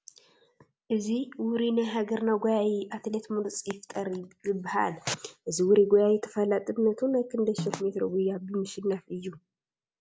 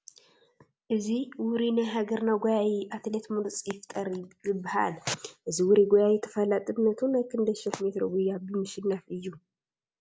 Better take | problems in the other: second | background sound (Snare drum); 14 dB below the speech

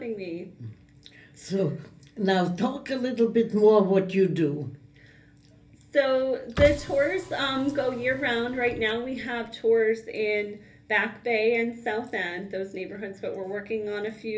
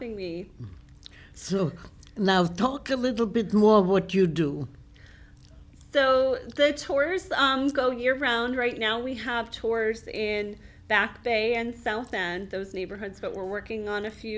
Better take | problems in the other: second | background sound (Car); 11 dB below the speech // room echo; dies away in 0.3 s

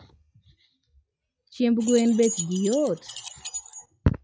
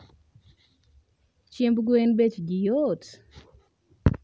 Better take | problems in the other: second | noise reduction (classical method log-MMSE)

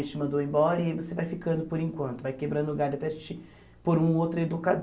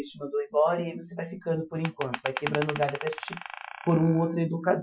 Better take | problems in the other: first | noise reduction (classical method Wiener filter)

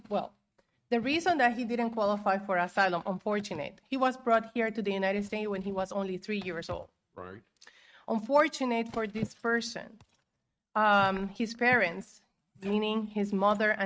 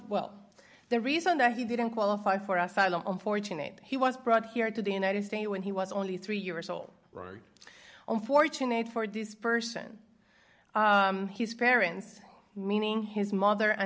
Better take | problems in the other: second | noise reduction (neural mask model RNNoise)

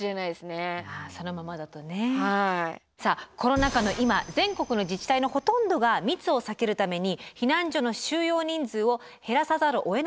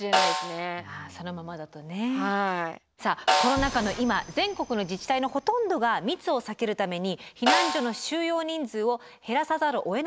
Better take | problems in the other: first | background sound (Snare drum); 3 dB below the speech

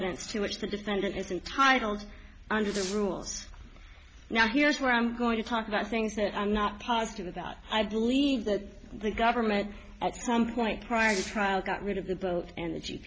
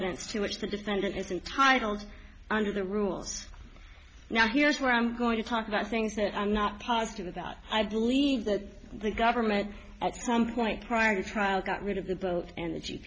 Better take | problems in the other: second | background sound (Fireworks); 15 dB below the speech

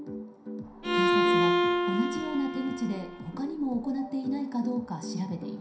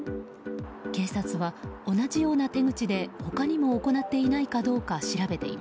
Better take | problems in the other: second | background sound (Bowed string instrument); 4 dB above the speech // room echo; dies away in 0.5 s

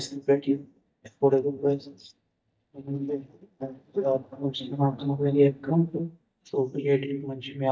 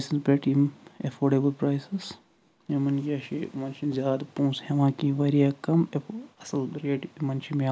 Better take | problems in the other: second | noise reduction (neural mask model DeepFilterNet 3)

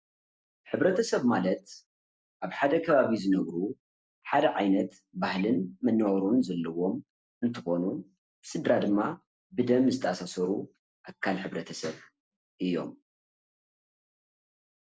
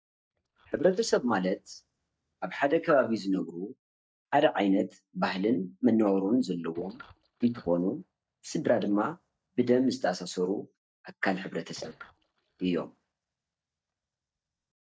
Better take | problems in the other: first | noise reduction (neural mask model DeepFilterNet 3)

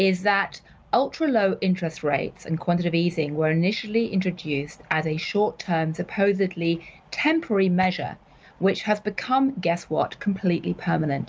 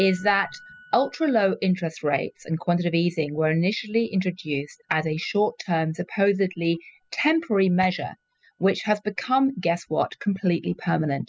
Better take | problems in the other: first | noise reduction (classical method spectral subtraction)

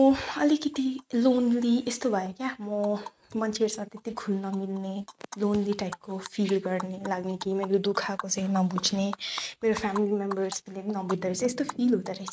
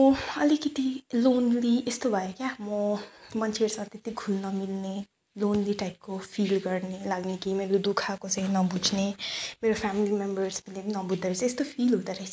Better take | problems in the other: second | noise reduction (neural mask model RNNoise)

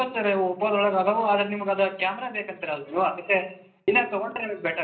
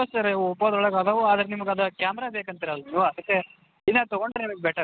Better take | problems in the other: second | room echo; dies away in 0.5 s

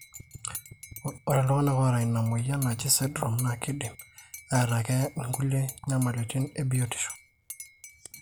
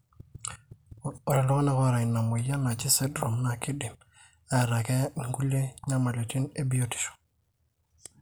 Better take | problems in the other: second | background sound (Cutlery, silverware / Dishes, pots, and pans / Chink, clink); 18 dB below the speech

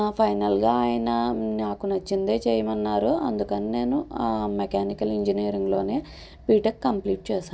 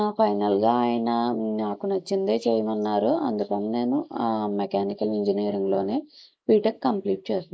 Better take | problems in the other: first | noise reduction (neural mask model Resemble Enhance denoiser)

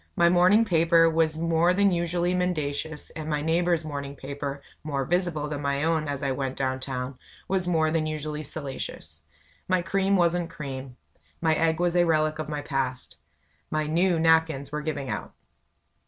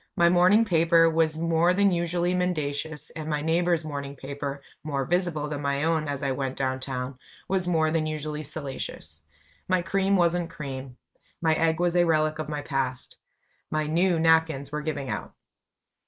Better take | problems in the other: first | noise reduction (neural mask model Resemble Enhance denoiser)

